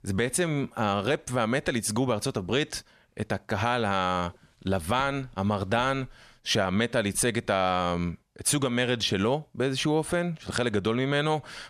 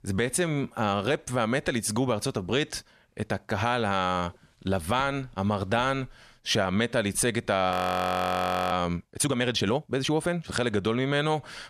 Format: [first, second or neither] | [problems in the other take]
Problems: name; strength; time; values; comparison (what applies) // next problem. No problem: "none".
first | audio freezing; at 7.5 s for 1 s